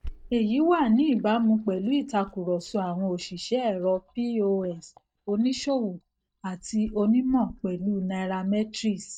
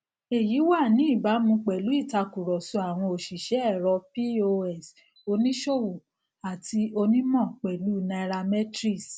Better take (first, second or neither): second